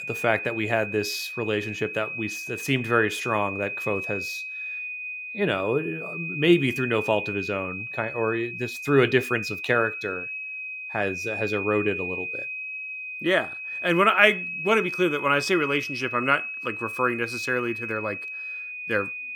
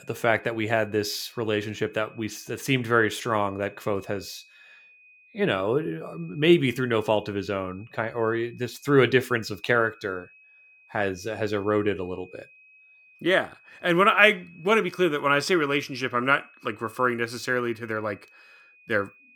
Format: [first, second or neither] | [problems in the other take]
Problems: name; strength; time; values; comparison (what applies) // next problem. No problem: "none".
second | high-pitched whine; loud; throughout; 2.5 kHz, 6 dB below the speech; faint in the second